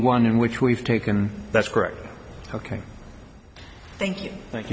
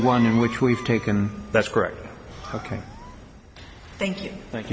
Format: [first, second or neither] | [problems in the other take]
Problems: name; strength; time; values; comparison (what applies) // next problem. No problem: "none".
first | background sound (Cough); 16 dB below the speech